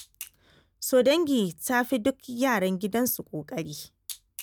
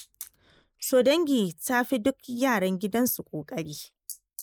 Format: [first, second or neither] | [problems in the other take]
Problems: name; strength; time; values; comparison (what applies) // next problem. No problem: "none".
first | noise reduction (neural mask model Resemble Enhance denoiser)